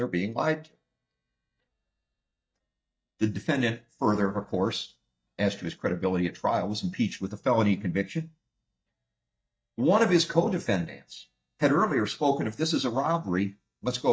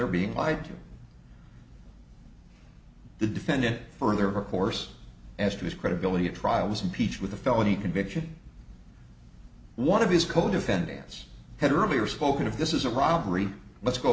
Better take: second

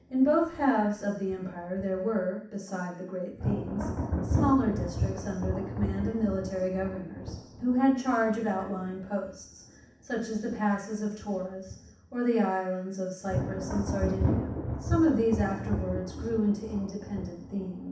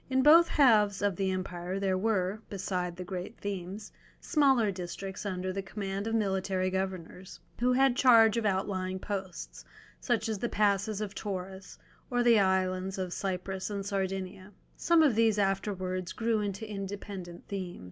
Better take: second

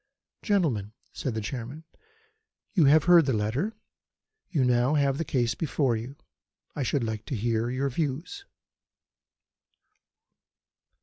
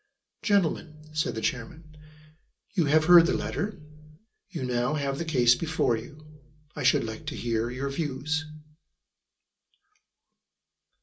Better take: first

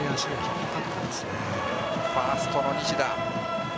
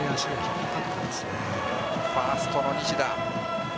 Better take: first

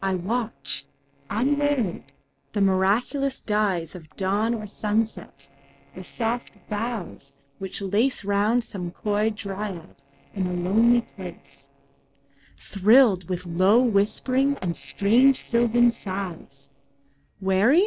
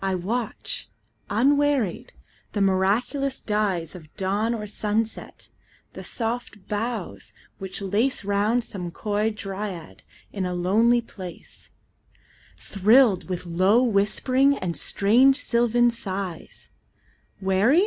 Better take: second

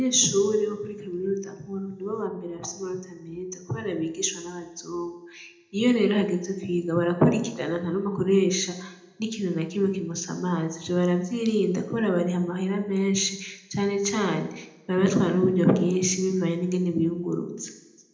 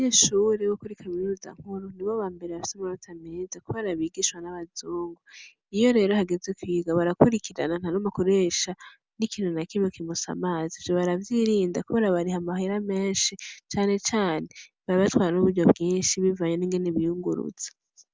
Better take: second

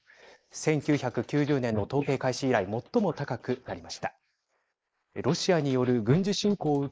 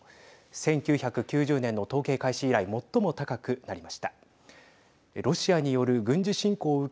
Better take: second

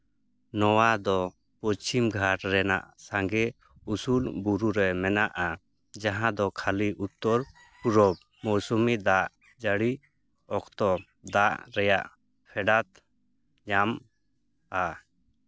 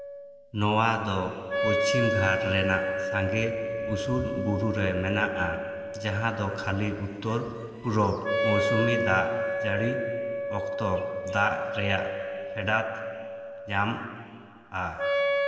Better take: first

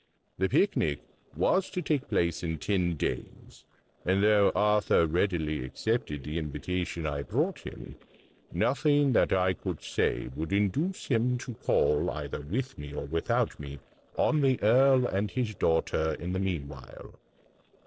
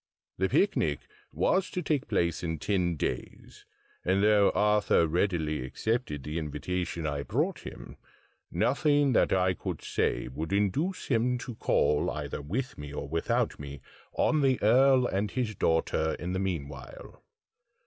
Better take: second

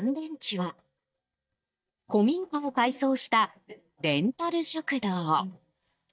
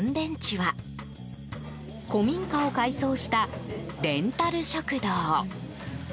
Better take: second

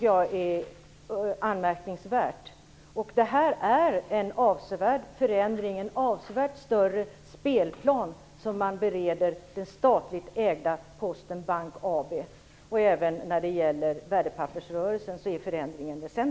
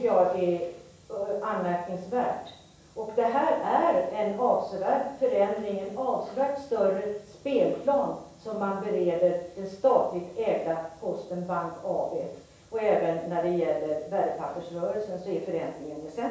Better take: first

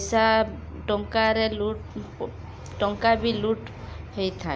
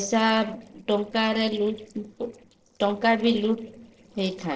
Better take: first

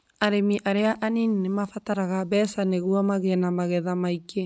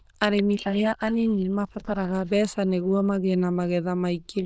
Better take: first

